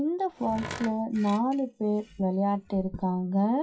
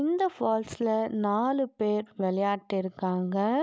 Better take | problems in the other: second | noise reduction (classical method WPE with log-MMSE)

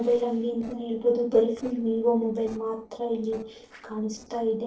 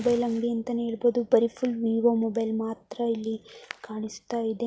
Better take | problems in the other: second | noise reduction (neural separator model SepFormer DNS4)

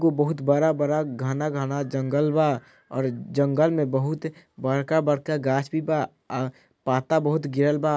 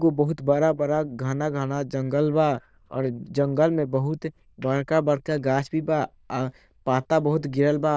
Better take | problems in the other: first | noise reduction (neural diffusion model UNIVERSE++)

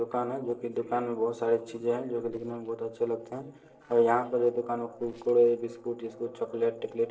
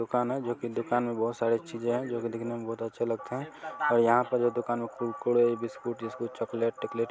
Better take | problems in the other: second | noise reduction (neural separator model SepFormer DNS4)

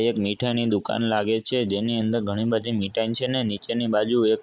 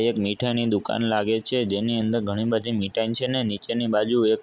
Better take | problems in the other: second | noise reduction (neural mask model Resemble Enhance denoiser)

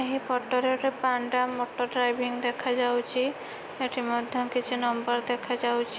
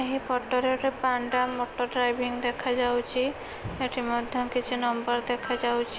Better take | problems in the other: first | background sound (Thump, thud + Piano); 17 dB below the speech

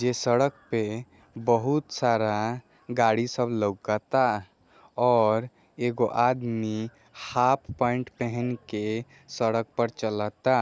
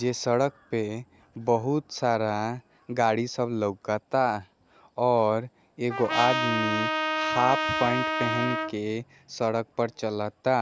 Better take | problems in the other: first | background sound (Trumpet); 1 dB below the speech

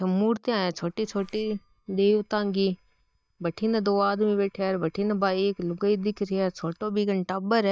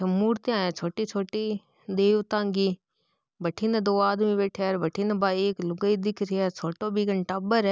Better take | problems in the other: second | noise reduction (neural mask model DeepFilterNet 3)

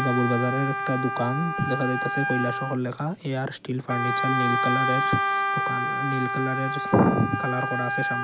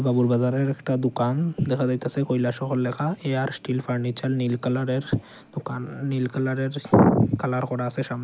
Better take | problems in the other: second | background sound (Wind instrument, woodwind instrument); 1 dB below the speech

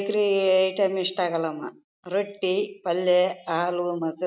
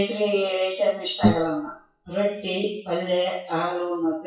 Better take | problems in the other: first | noise reduction (classical method WPE with log-MMSE)

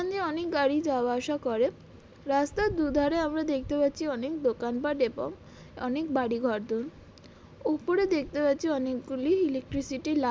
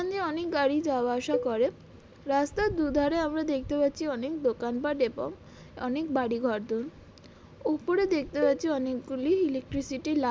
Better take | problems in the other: first | background sound (Cowbell); 10 dB below the speech

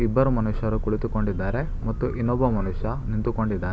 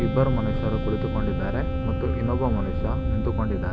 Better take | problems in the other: first | background sound (Aircraft + Wind instrument, woodwind instrument); 1 dB below the speech

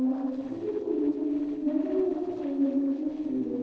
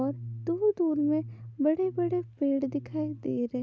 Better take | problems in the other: second | noise reduction (neural separator model SepFormer DNS4)

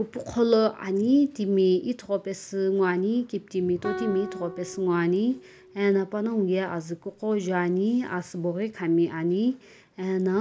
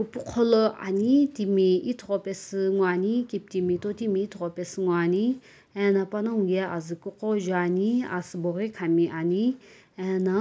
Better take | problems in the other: second | background sound (Guitar); 15 dB below the speech

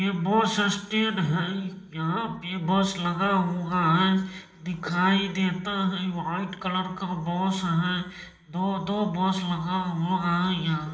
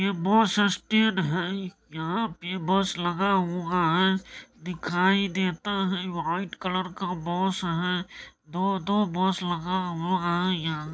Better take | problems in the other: second | room echo; dies away in 1.7 s

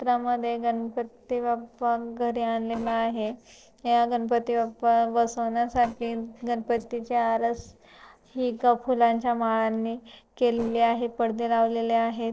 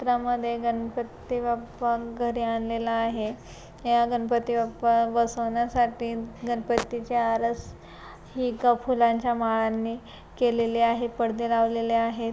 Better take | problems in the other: second | noise reduction (neural separator model SepFormer DNS4)

